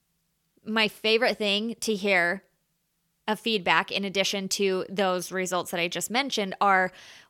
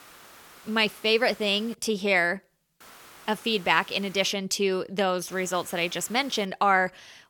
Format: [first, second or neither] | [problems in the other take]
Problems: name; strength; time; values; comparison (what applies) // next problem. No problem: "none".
first | hiss; faint; until 2 s, from 3 to 4.5 s and from 5.5 to 6.5 s; 25 dB below the speech